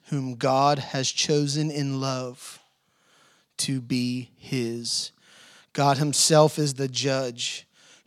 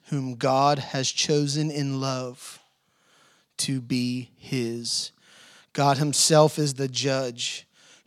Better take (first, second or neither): neither